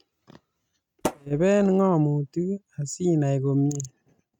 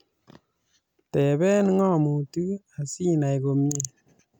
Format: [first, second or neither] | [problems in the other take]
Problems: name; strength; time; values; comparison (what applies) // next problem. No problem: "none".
second | noise reduction (neural mask model RNNoise)